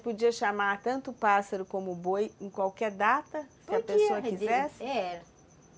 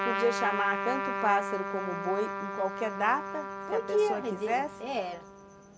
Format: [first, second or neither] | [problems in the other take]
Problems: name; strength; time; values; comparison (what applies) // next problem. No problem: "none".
first | background sound (Trumpet); 4 dB below the speech